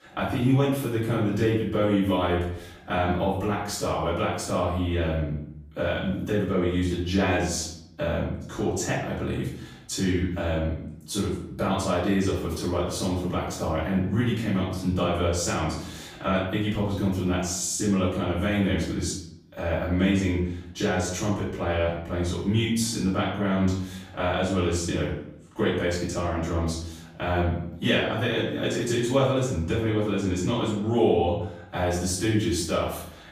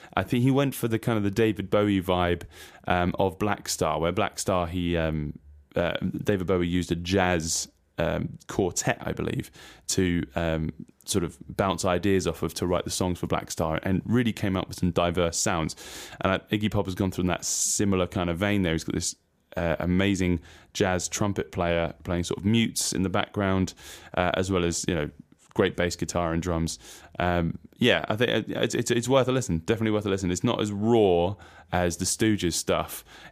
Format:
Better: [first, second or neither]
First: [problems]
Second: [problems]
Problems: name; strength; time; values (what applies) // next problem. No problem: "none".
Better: second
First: off-mic speech; far // room echo; noticeable; dies away in 0.6 s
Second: none